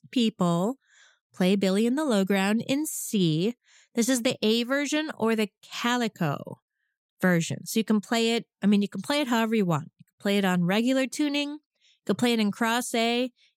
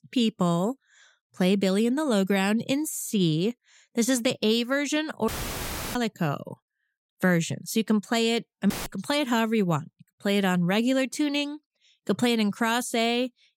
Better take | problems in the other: first | audio cutting out; filled with static; at 5.5 s for 0.5 s and at 8.5 s

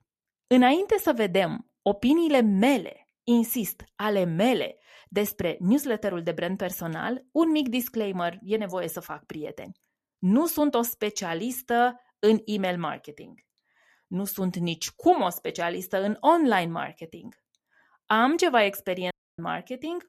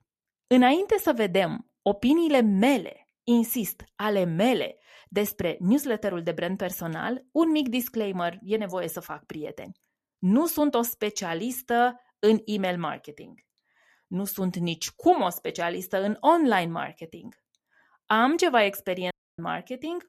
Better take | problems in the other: neither | audio cutting out; at 19 s; the same in both

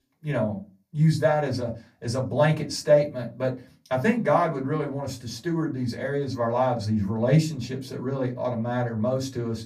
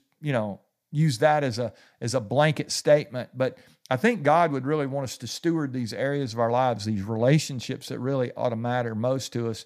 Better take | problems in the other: second | off-mic speech; far // room echo; very slight; dies away in 0.3 s

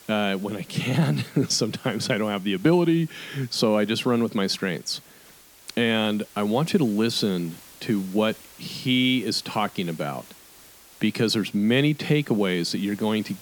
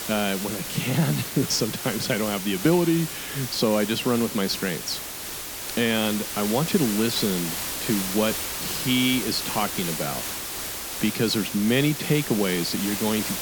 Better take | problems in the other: first | hiss; loud; throughout; 4 dB below the speech; faint in the first

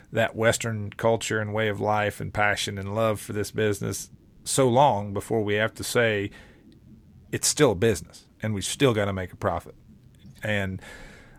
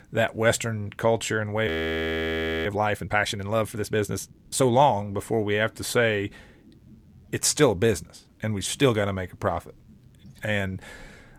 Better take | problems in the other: first | audio freezing; at 1.5 s for 1 s

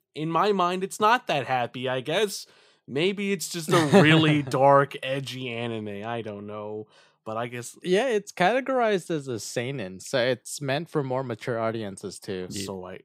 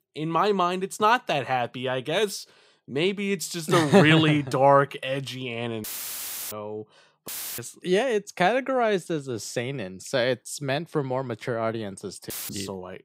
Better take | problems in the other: first | audio cutting out; filled with static; at 6 s for 0.5 s, at 7.5 s and at 12 s

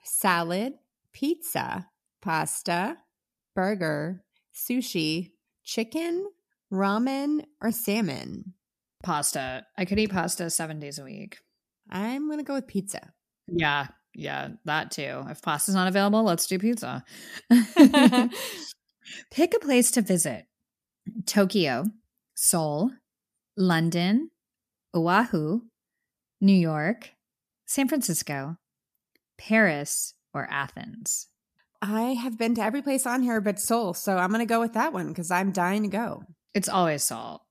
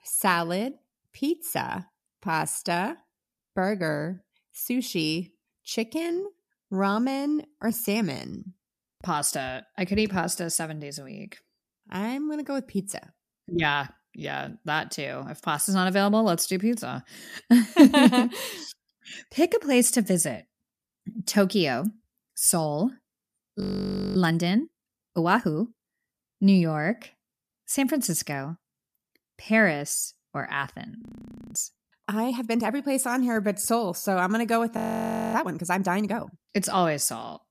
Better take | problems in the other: first | audio freezing; at 24 s for 0.5 s, at 31 s for 0.5 s and at 35 s for 0.5 s

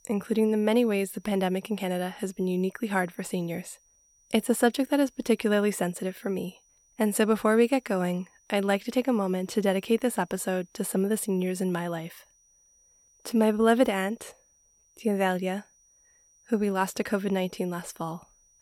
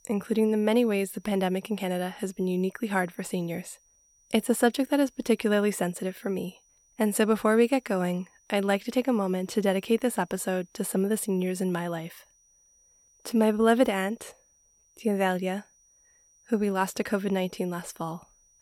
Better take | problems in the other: neither | high-pitched whine; faint; throughout; 6 kHz, 35 dB below the speech; the same in both

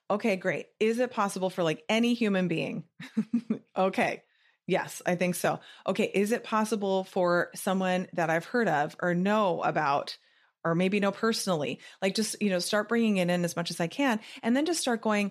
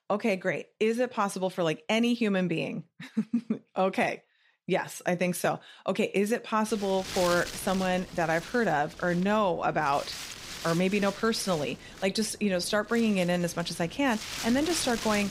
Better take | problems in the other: first | wind noise on the microphone; occasional gusts; from 6.5 s on; 10 dB below the speech

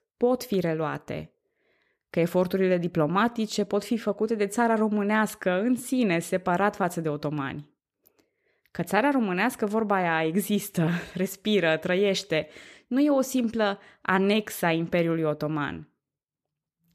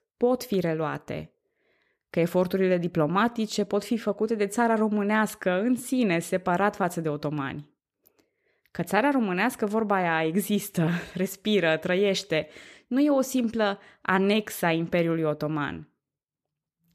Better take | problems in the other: neither | none

